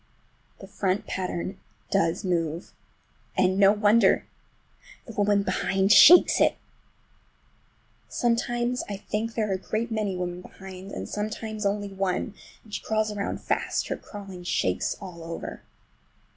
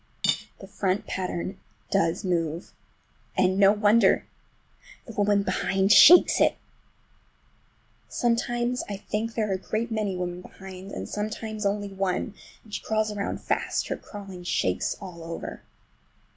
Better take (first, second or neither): first